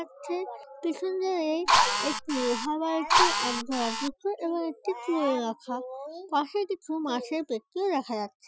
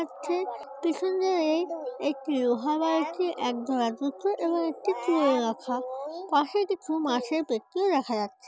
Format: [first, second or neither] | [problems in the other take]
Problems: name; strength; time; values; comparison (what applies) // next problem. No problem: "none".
second | noise reduction (classical method Wiener filter)